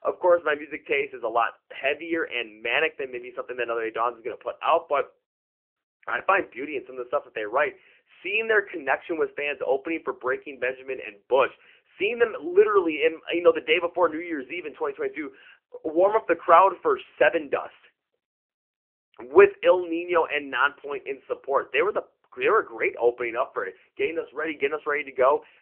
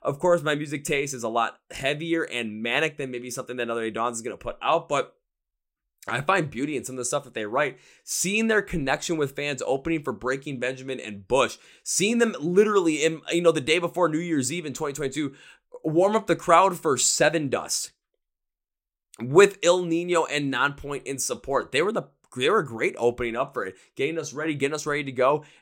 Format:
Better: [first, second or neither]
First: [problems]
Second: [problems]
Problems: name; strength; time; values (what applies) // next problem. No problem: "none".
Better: second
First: phone-call audio; nothing above 3 kHz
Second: none